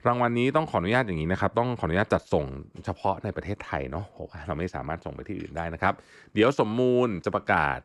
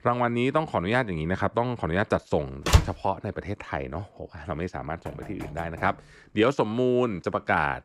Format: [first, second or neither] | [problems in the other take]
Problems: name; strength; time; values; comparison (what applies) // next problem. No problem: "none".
first | door banging; loud; at 2.5 s; peak 5 dB above the speech // door banging; faint; from 5 to 6 s; peak 15 dB below the speech